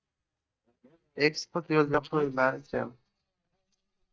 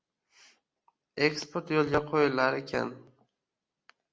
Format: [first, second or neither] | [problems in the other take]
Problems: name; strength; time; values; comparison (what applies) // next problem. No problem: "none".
second | noise reduction (neural mask model DeepFilterNet 3)